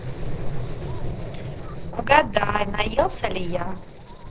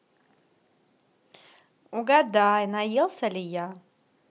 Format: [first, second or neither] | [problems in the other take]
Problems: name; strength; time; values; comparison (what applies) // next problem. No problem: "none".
second | noise reduction (neural separator model SepFormer DNS4)